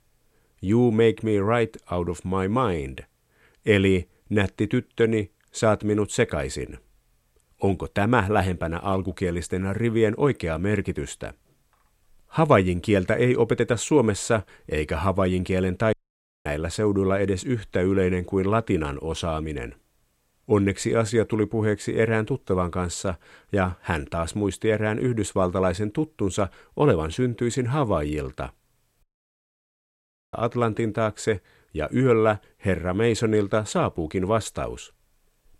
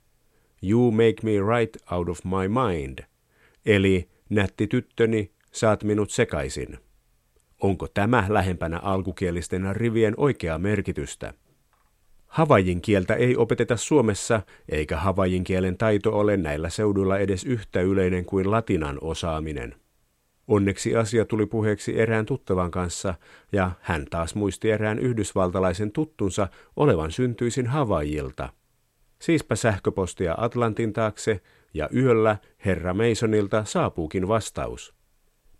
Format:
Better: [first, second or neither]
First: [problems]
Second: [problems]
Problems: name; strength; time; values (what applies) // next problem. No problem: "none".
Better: second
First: audio cutting out; at 16 s for 0.5 s and at 29 s for 1.5 s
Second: none